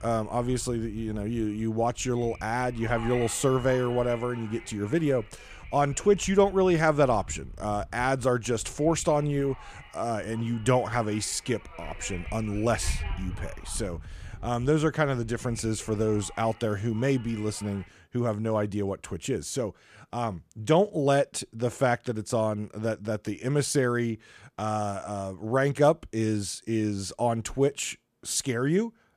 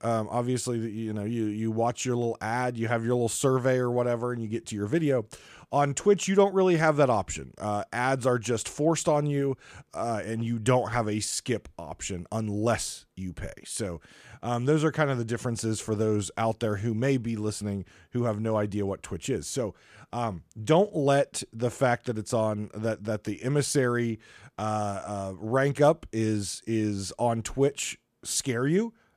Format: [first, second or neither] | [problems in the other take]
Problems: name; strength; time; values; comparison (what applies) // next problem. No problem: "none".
second | wind noise on the microphone; occasional gusts; until 18 s; 15 dB below the speech